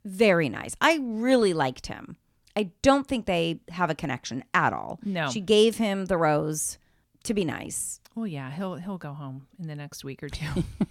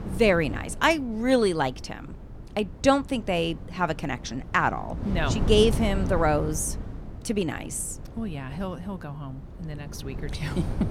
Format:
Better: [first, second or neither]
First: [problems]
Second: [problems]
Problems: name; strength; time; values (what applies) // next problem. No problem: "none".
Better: first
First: none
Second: wind noise on the microphone; occasional gusts; 15 dB below the speech